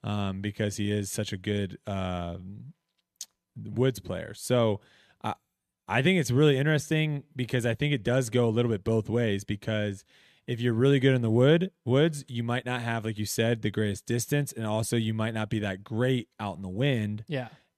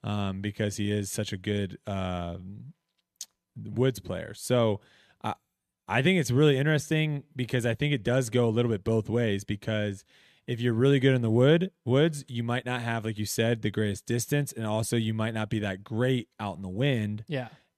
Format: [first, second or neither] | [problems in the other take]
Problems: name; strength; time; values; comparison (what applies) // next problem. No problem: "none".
neither | none